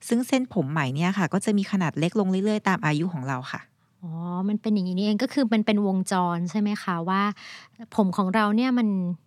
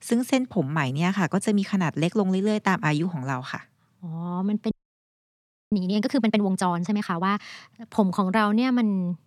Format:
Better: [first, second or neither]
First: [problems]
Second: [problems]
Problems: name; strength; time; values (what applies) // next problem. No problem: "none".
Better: first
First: none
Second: audio freezing; at 4.5 s for 1 s